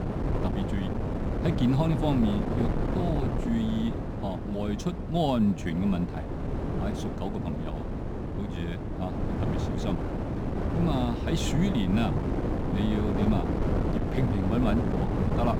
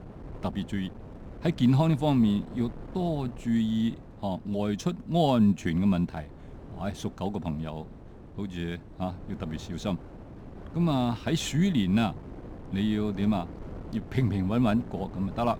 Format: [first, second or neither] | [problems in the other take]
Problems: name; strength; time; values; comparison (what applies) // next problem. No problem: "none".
second | wind noise on the microphone; heavy; 1 dB below the speech; occasional gusts in the second